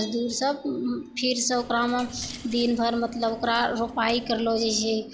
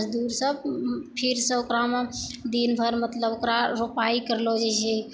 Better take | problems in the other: second | background sound (Coin (dropping) + Bell); 20 dB below the speech

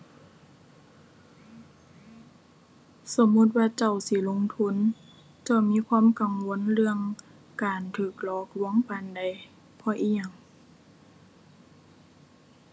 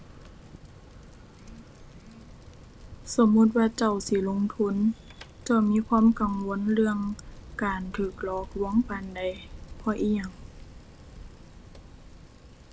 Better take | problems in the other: first | background sound (Bicycle); 17 dB below the speech

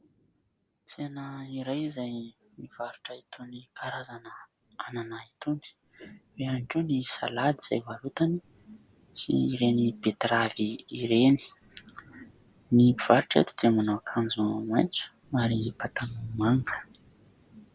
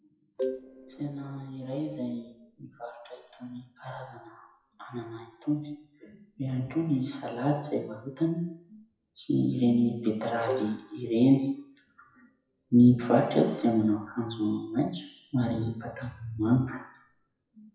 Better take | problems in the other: first | noise reduction (classical method WPE with log-MMSE)

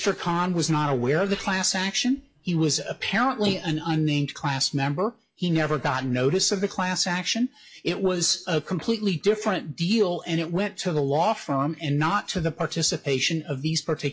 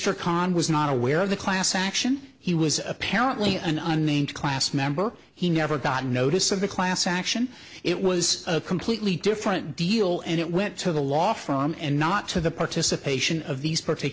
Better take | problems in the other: second | noise reduction (classical method WPE with log-MMSE)

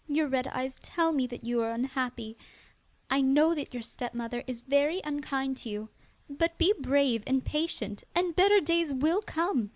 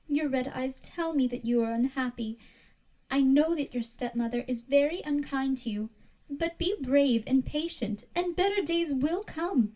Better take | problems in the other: first | room echo; dies away in 0.2 s

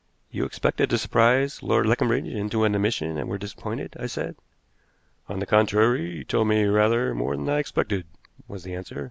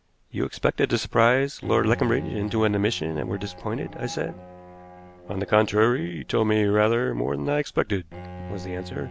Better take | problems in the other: first | background sound (Bowed string instrument); 16 dB below the speech

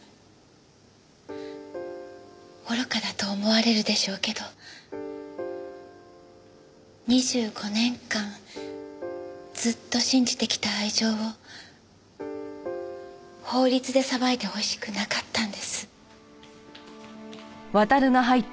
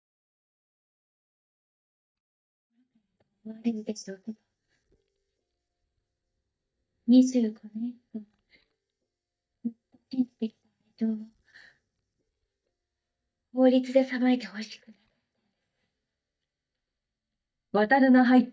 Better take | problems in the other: first | noise reduction (neural mask model DeepFilterNet 3)

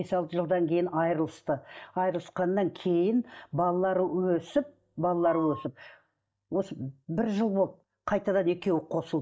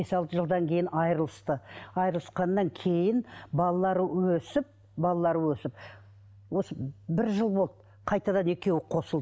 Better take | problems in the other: second | noise reduction (neural mask model DeepFilterNet 3)

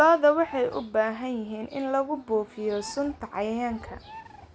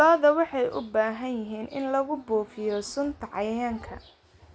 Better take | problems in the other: second | background sound (Bird); 19 dB below the speech

